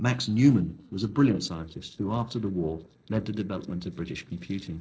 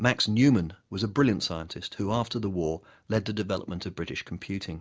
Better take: second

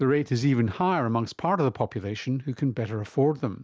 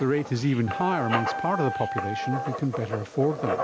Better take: first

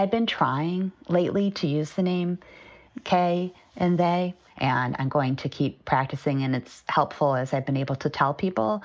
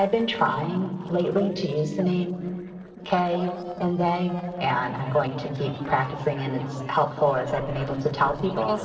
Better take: first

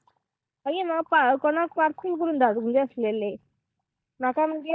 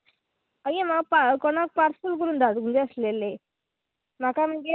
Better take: second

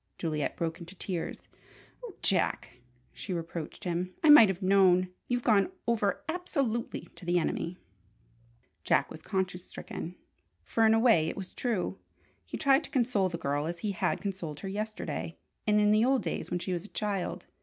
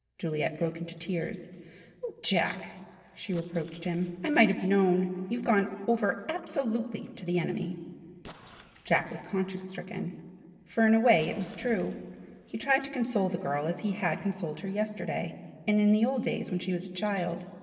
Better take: first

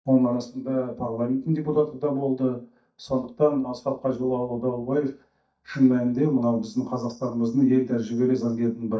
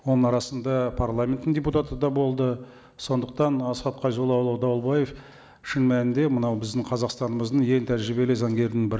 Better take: second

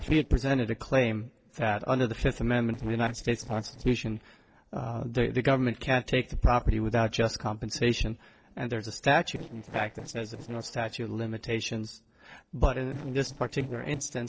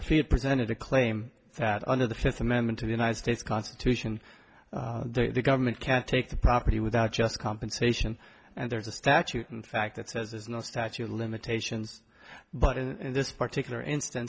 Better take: second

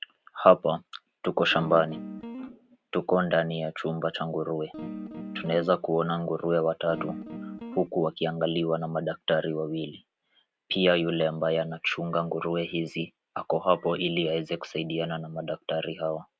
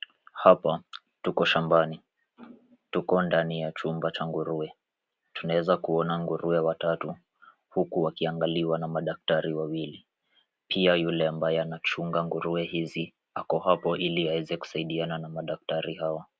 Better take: second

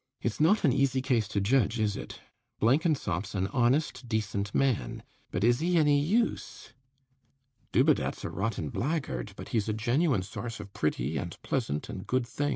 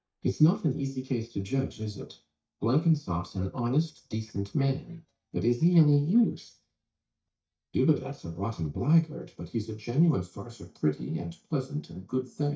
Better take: first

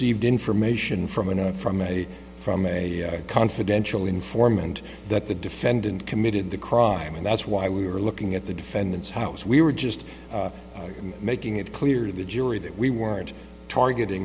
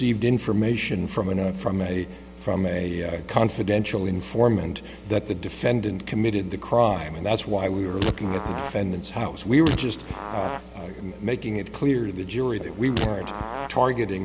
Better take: first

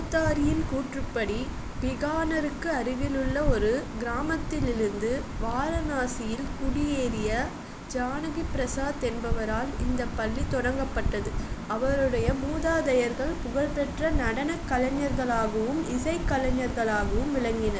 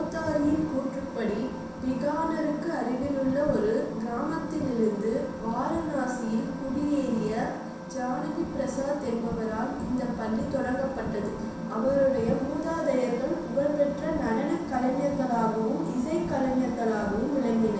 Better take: first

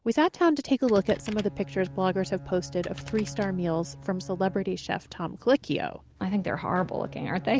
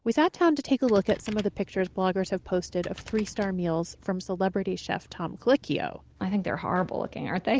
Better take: second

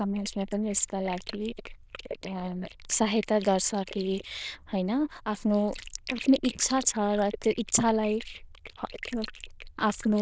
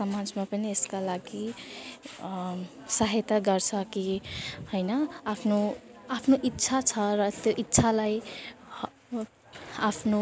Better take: second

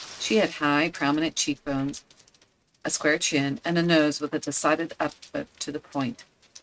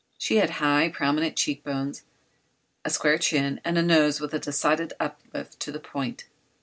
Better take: second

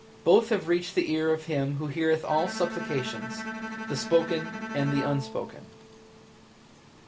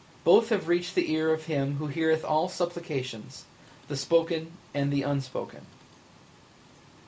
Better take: second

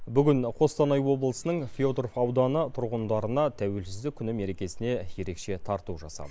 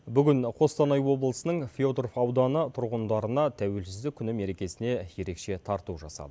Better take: second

